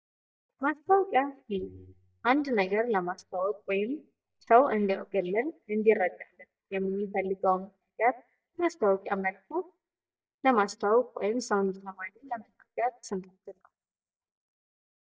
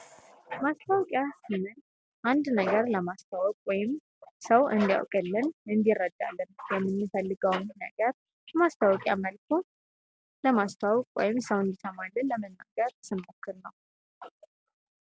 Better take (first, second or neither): second